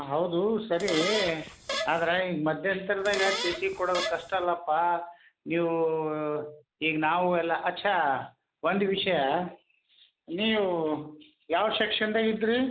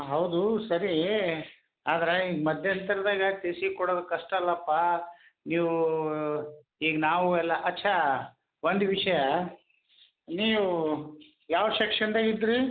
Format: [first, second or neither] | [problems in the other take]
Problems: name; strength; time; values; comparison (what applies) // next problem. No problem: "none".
second | background sound (Fart); 6 dB below the speech